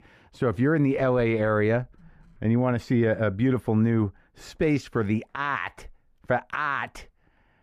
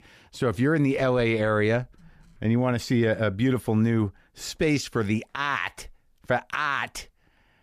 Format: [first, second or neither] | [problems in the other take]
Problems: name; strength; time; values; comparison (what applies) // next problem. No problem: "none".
second | muffled; slightly; fading above 2.5 kHz